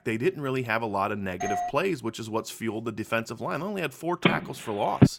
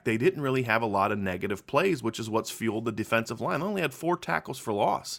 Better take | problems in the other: second | doorbell; noticeable; at 1.5 s; peak 1 dB below the speech // phone ringing; loud; at 4.5 s; peak 7 dB above the speech

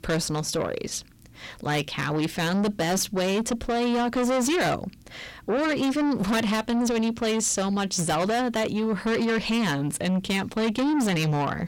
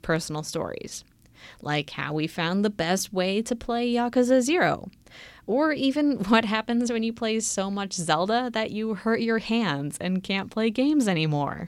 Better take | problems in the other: second | distortion; heavy; 6 dB below the speech

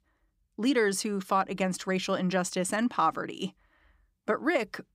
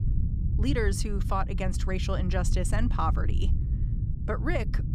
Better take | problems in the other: first | low rumble; noticeable; throughout; 10 dB below the speech

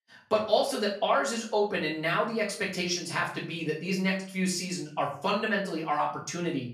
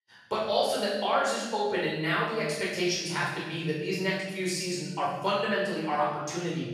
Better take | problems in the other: first | room echo; strong; dies away in 1.3 s; slight in the first // off-mic speech; far; far in the first

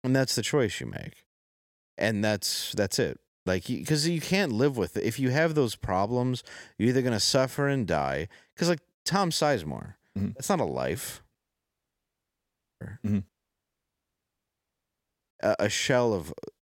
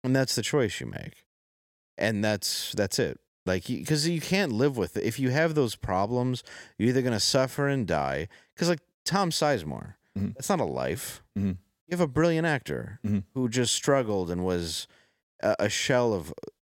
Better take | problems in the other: second | audio cutting out; at 11 s for 1.5 s and at 13 s for 2 s

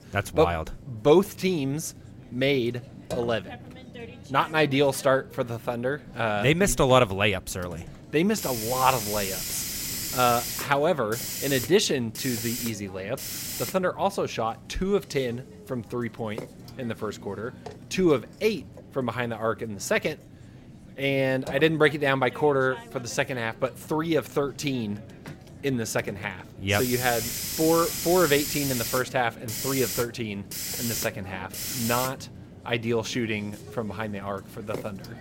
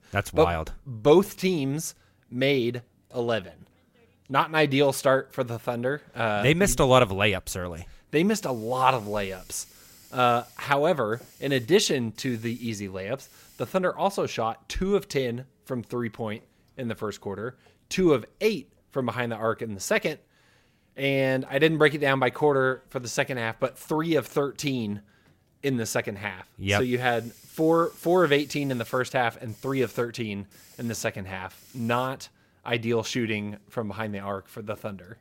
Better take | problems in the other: second | hiss; loud; throughout; 7 dB below the speech; faint in the second

